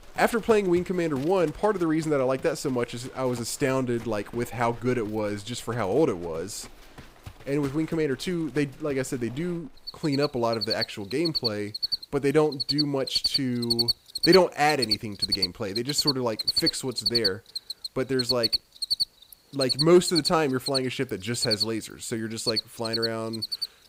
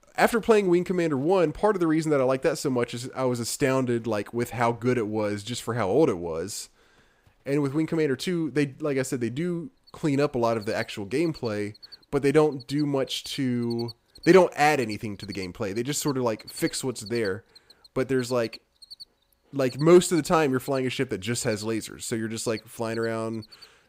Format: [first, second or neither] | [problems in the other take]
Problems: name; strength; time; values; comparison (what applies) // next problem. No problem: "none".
second | animal sounds; loud; throughout; 1 dB below the speech; faint in the second